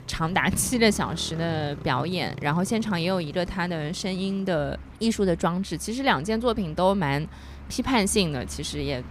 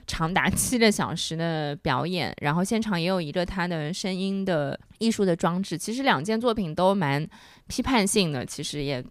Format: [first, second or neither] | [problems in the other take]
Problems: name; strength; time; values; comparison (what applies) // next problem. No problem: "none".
second | traffic noise; noticeable; throughout; 15 dB below the speech